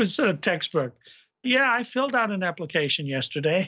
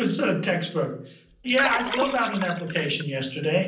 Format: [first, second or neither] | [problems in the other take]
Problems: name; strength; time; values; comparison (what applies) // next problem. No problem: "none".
first | background sound (Liquid); 8 dB below the speech // room echo; dies away in 0.6 s